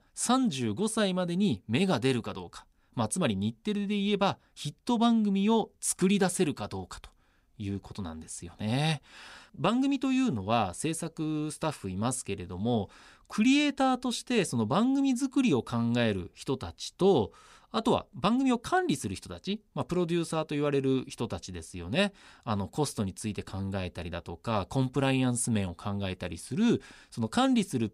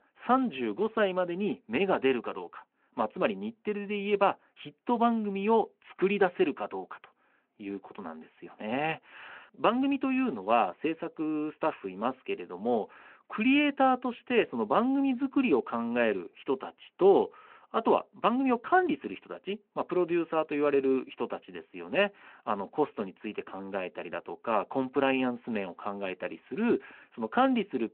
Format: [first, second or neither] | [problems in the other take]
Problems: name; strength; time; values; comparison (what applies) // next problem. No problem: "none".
first | phone-call audio